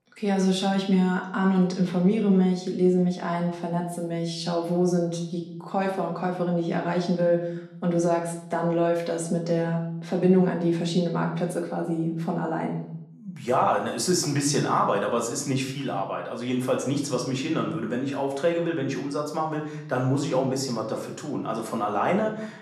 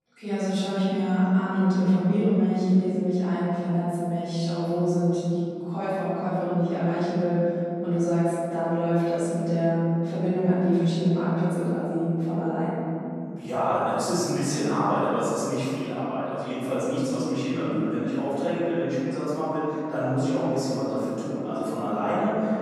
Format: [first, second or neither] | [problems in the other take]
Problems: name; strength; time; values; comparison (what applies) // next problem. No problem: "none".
first | room echo; strong; dies away in 3 s; slight in the first // off-mic speech; far; somewhat distant in the first